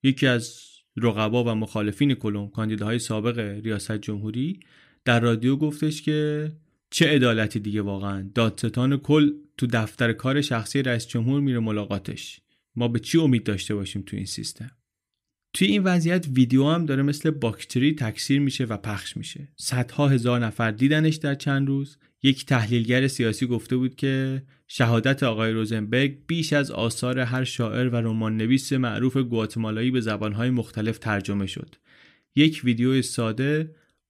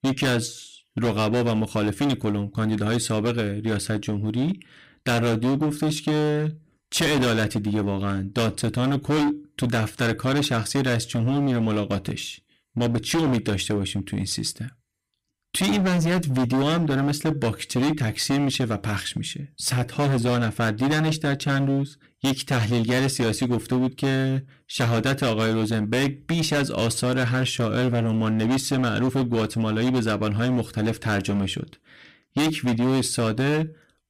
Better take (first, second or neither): first